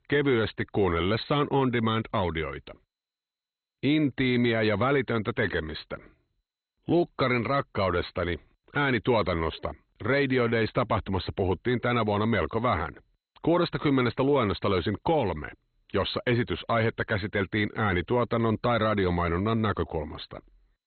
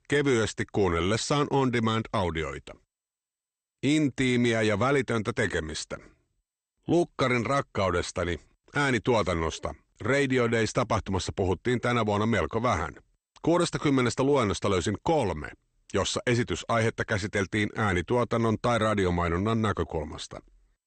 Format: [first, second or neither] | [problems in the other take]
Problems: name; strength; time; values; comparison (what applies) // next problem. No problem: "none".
second | garbled, watery; badly; nothing above 4 kHz; slightly in the second